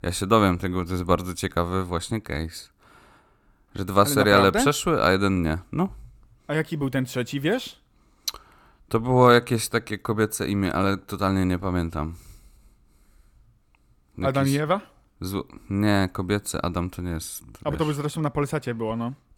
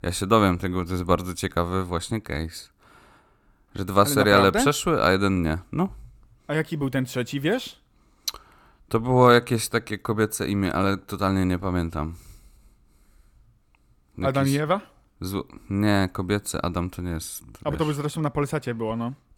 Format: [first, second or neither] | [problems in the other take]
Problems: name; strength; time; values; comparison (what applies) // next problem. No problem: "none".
neither | none